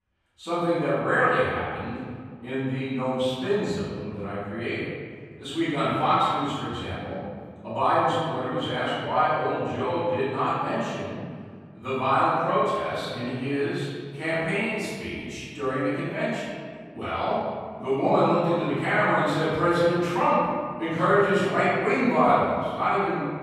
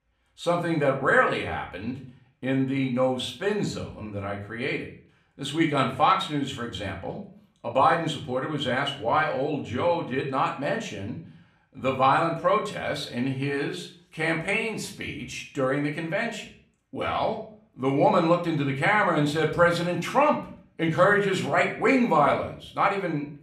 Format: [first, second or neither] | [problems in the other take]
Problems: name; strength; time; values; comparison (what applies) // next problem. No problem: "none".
second | room echo; strong; dies away in 1.8 s; slight in the second // off-mic speech; far; somewhat distant in the second